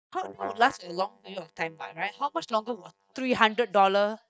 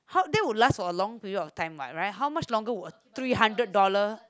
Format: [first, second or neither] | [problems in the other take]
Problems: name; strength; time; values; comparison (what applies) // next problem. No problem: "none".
second | noise reduction (neural mask model DeepFilterNet 3)